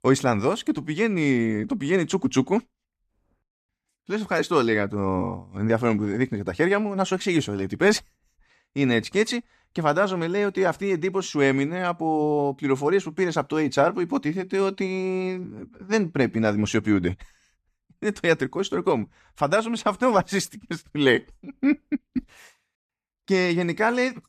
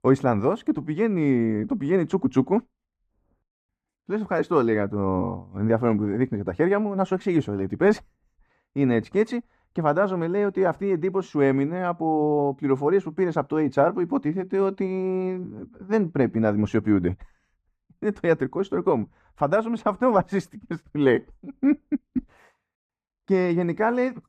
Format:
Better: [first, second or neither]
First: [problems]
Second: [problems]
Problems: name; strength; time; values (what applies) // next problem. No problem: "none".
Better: first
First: none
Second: muffled; very; fading above 2 kHz